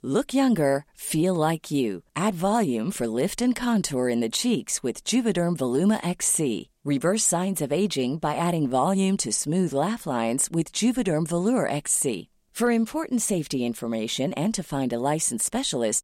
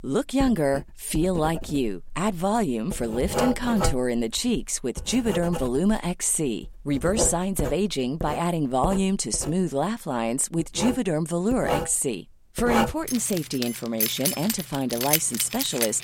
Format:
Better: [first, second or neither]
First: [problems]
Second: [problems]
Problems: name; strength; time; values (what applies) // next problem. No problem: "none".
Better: first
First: none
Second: household noises; loud; throughout; 5 dB below the speech